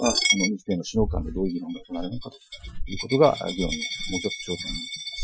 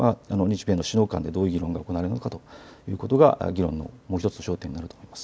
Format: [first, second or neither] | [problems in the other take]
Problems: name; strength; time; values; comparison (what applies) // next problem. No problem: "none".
second | noise reduction (classical method Wiener filter)